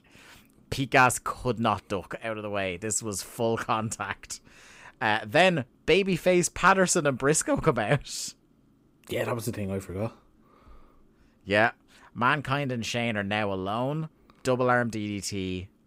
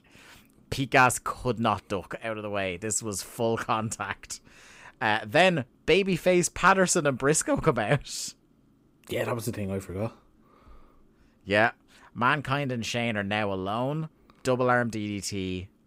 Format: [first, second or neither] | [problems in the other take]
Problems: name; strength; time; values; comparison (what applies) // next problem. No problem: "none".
neither | none